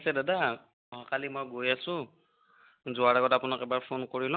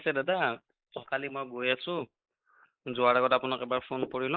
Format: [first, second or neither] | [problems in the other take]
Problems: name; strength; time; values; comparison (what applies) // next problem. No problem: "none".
first | noise reduction (neural mask model Resemble Enhance denoiser)